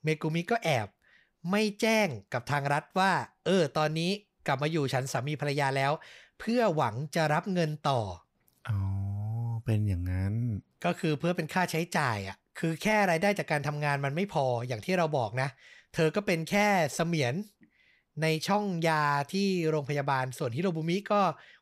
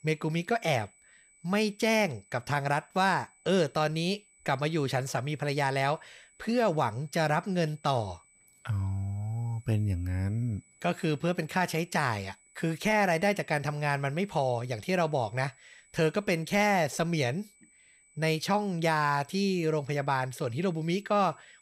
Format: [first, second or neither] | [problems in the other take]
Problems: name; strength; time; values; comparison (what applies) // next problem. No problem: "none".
first | high-pitched whine; faint; throughout; 8 kHz, 30 dB below the speech